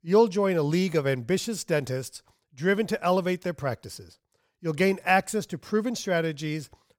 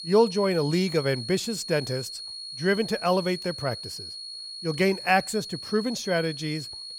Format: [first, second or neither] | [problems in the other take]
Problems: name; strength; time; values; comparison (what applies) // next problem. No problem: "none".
first | high-pitched whine; loud; throughout; 4.5 kHz, 9 dB below the speech